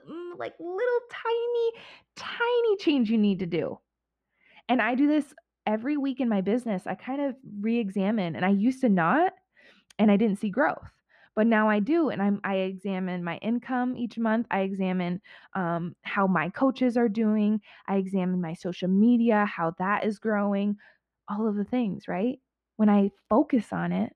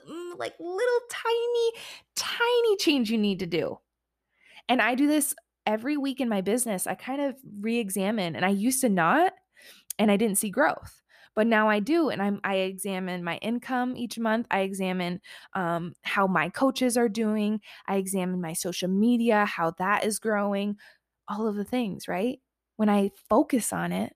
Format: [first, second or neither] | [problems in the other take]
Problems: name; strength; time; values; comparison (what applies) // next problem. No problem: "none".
second | muffled; slightly; fading above 2.5 kHz